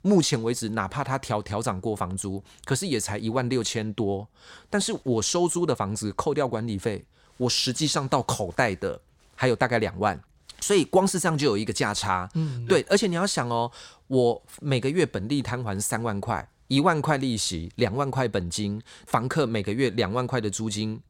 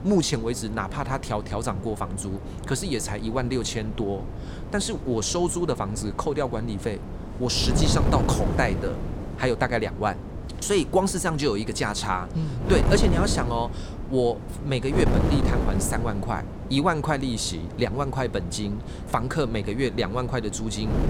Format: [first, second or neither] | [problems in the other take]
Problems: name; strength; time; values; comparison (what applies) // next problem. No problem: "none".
first | wind noise on the microphone; heavy; 9 dB below the speech